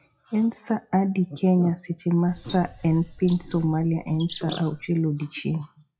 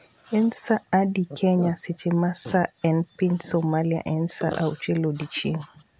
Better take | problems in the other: second | noise reduction (classical method WPE with log-MMSE)

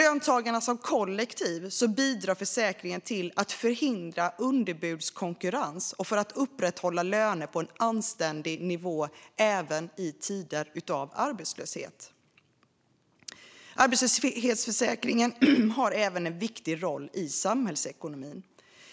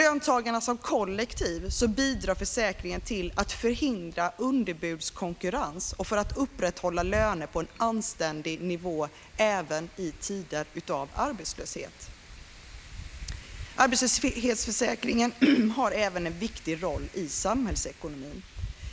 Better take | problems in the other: first | background sound (Wind); 13 dB below the speech

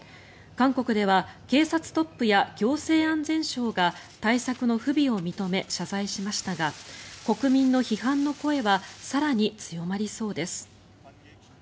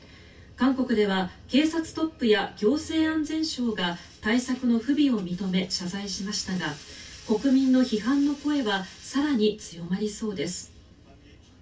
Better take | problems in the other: first | room echo; dies away in 0.2 s

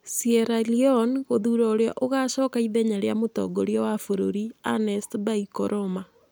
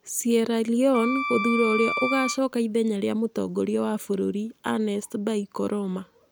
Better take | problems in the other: first | background sound (Wind instrument, woodwind instrument); 5 dB below the speech

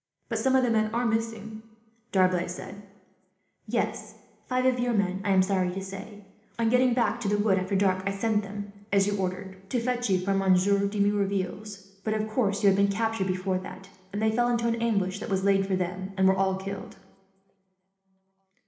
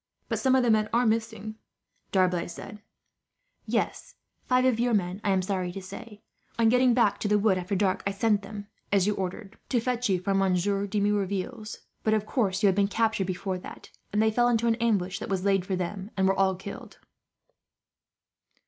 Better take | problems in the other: second | room echo; dies away in 1 s

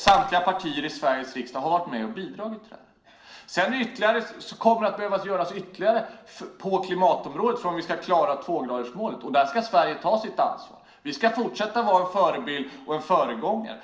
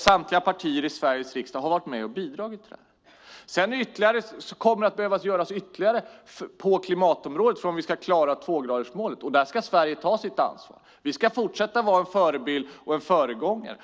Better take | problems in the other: second | room echo; dies away in 0.8 s

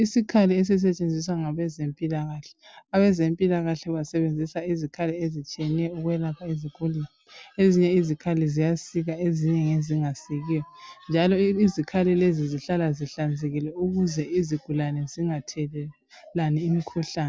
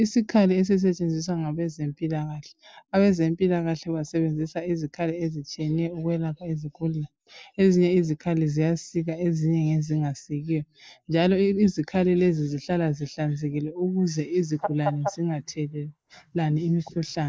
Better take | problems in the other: first | noise reduction (neural mask model Resemble Enhance denoiser)

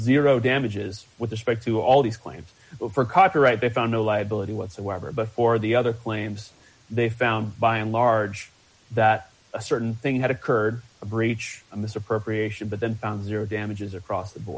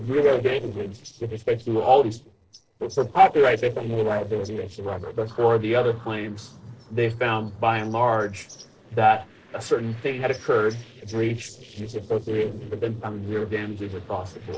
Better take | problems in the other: first | noise reduction (neural separator model SepFormer DNS4)

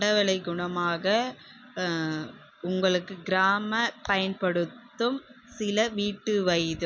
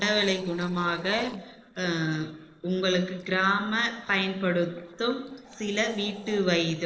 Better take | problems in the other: first | noise reduction (neural separator model SepFormer DNS4)

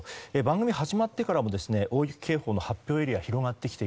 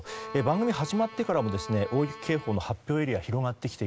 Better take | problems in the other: first | background sound (Bowed string instrument); 13 dB below the speech

